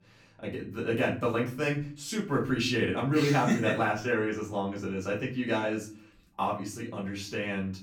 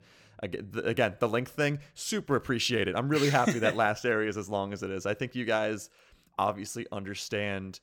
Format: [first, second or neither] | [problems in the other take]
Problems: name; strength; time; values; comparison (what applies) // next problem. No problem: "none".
second | room echo; slight; dies away in 0.4 s // off-mic speech; far